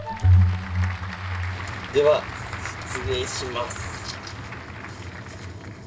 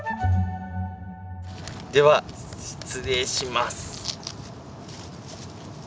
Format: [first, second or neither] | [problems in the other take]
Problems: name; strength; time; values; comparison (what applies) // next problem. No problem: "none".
second | background sound (Applause / Crowd); 12 dB below the speech // room echo; dies away in 0.2 s